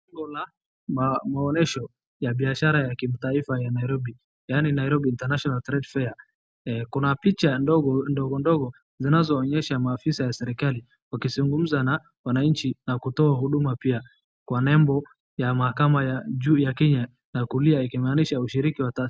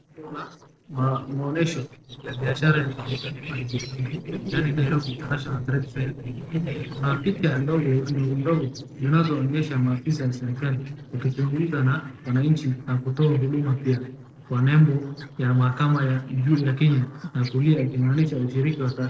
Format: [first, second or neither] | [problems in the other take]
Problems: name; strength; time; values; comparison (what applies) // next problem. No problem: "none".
first | noise reduction (neural separator model SepFormer DNS4)